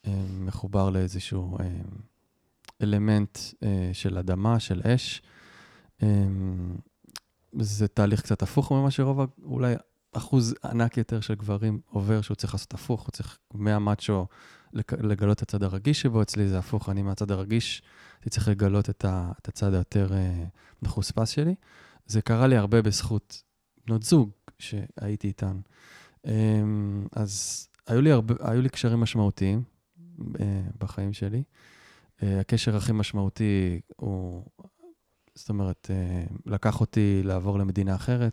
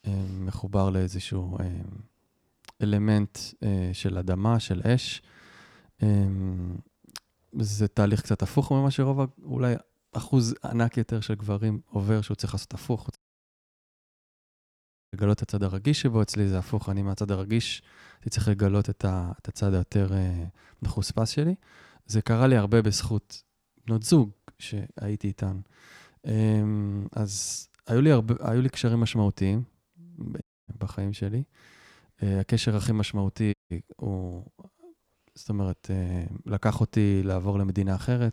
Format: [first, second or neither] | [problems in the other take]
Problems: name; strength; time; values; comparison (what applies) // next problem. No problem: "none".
first | audio cutting out; at 13 s for 2 s, at 30 s and at 34 s